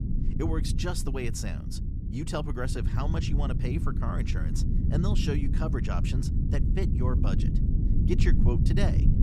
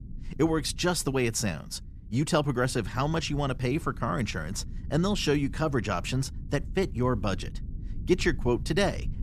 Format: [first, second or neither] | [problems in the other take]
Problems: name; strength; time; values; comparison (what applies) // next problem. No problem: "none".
second | low rumble; loud; throughout; 4 dB below the speech; faint in the second